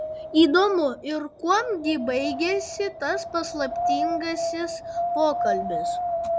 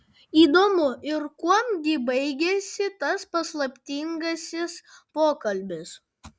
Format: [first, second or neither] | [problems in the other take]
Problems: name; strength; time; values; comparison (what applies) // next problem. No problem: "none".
second | background sound (Wind); 4 dB below the speech